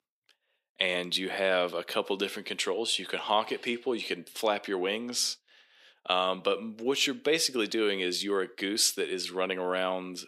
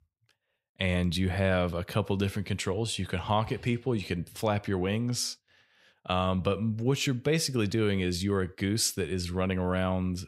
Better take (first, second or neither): second